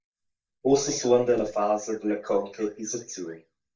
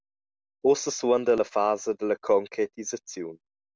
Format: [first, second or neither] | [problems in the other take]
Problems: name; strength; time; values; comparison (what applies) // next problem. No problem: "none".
second | noise reduction (neural mask model DeepFilterNet 3)